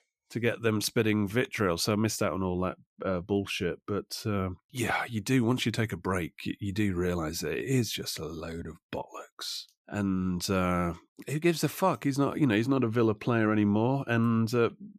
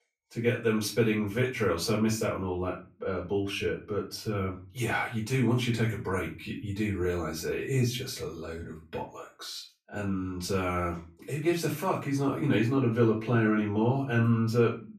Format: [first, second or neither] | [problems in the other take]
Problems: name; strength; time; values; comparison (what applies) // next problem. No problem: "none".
first | room echo; slight; dies away in 0.3 s // off-mic speech; far